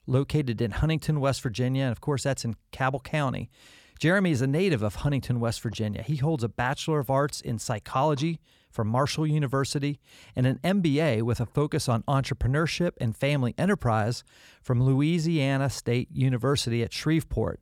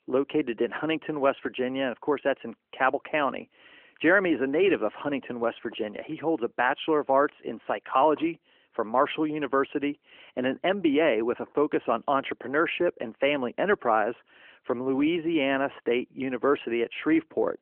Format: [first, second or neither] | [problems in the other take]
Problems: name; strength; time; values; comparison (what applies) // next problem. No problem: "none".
first | phone-call audio; nothing above 3 kHz